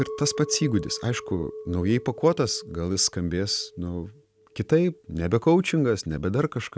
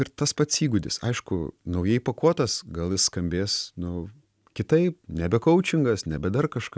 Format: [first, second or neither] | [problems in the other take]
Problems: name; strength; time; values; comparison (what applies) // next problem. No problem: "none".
second | background sound (Chink, clink); 16 dB below the speech